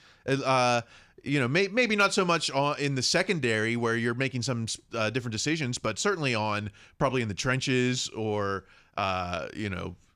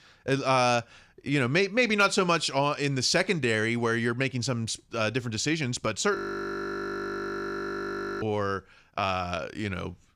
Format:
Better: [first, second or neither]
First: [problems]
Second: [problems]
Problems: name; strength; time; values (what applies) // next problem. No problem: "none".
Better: first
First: none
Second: audio freezing; at 6 s for 2 s